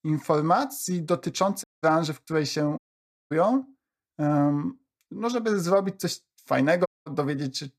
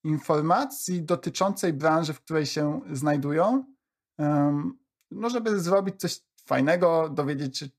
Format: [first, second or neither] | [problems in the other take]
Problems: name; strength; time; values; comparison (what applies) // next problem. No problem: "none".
second | audio cutting out; at 1.5 s, at 3 s for 0.5 s and at 7 s